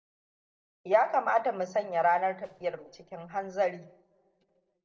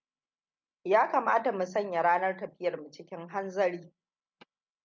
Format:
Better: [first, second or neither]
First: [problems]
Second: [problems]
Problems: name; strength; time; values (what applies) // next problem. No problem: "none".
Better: second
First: noise reduction (neural separator model SepFormer DNS4)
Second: none